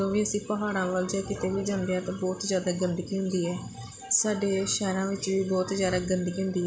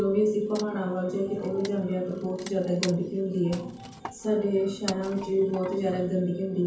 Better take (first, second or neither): first